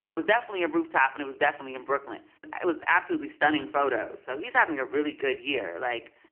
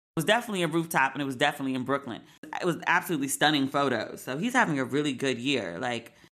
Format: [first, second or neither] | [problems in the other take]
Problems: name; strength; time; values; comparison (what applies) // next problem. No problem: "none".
second | phone-call audio; poor line; nothing above 3 kHz